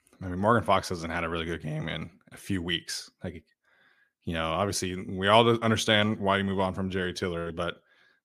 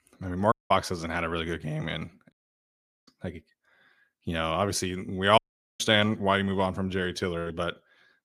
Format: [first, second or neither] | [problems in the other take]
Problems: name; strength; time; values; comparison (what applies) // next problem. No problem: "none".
first | audio cutting out; at 0.5 s, at 2.5 s for 1 s and at 5.5 s